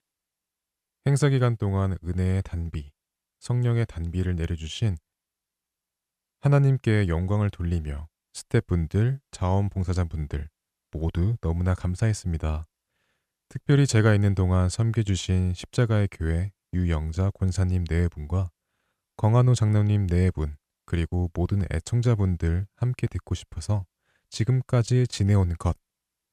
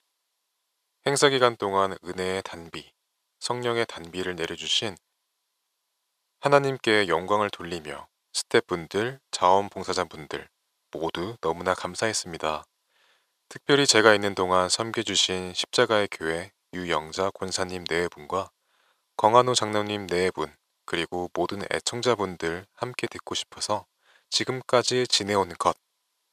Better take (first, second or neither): first